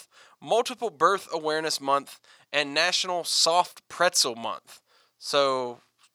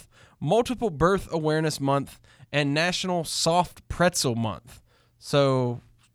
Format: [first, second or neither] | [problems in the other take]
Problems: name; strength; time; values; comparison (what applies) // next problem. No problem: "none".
second | thin; somewhat; fading below 500 Hz